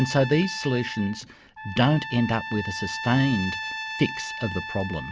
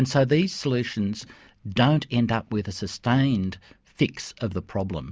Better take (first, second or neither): second